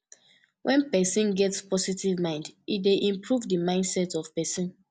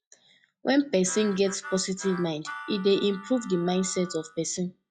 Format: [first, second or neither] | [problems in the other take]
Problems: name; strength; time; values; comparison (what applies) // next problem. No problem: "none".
first | noise reduction (classical method log-MMSE)